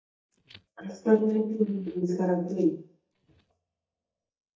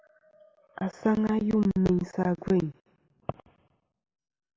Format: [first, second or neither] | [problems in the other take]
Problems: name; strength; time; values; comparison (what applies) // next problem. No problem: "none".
second | noise reduction (neural mask model DeepFilterNet 3)